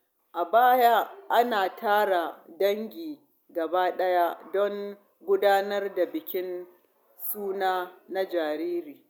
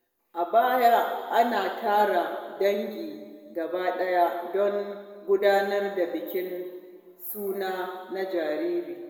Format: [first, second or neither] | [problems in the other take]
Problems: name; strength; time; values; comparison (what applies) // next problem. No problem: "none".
first | room echo; dies away in 1.6 s